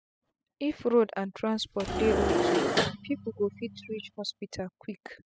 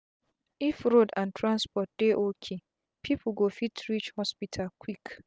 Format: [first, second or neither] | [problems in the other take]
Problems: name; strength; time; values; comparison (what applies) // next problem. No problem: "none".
second | noise reduction (classical method spectral subtraction)